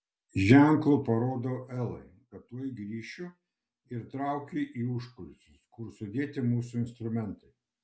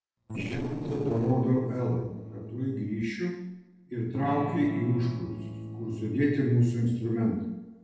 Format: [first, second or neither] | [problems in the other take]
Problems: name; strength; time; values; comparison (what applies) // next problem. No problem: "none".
first | noise reduction (neural separator model SepFormer DNS4)